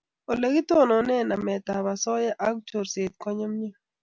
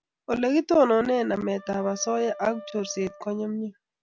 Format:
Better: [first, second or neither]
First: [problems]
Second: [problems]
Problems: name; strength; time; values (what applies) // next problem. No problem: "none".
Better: first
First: none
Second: background sound (Wind instrument, woodwind instrument); 20 dB below the speech